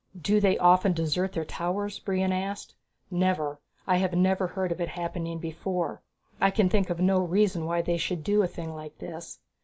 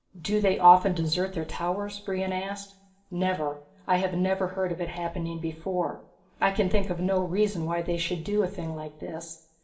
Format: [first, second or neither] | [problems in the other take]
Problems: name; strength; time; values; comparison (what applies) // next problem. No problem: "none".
first | room echo; dies away in 0.5 s